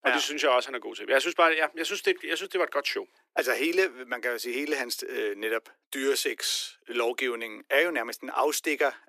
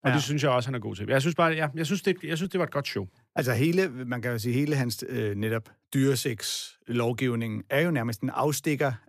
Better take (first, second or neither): second